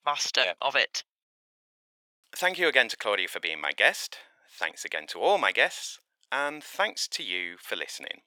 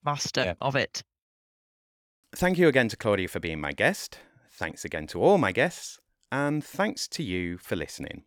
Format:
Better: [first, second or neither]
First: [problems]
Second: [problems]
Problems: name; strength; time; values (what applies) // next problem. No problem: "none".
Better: second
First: thin; very; fading below 700 Hz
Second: none